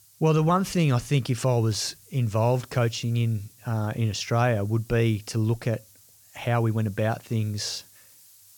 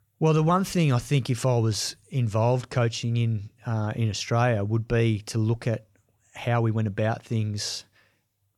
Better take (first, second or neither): second